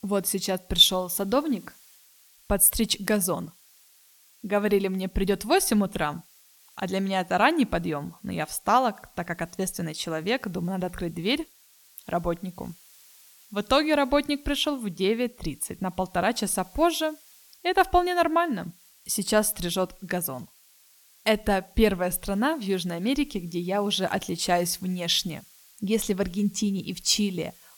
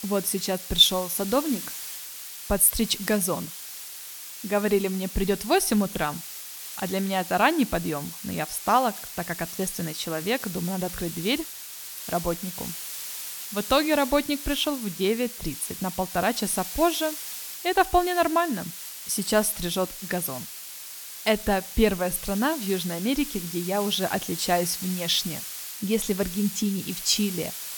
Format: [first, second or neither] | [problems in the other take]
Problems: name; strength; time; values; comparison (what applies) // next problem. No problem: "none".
first | hiss; loud; throughout; 9 dB below the speech; faint in the first